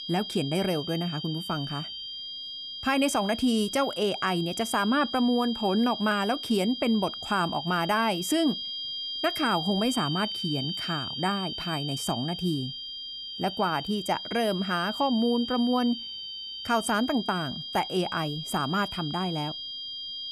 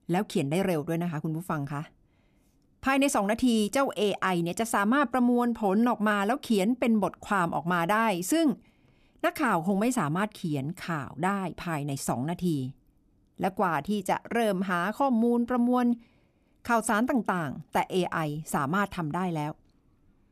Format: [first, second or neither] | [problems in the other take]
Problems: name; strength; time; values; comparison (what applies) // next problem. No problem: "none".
second | high-pitched whine; loud; throughout; 3 kHz, 6 dB below the speech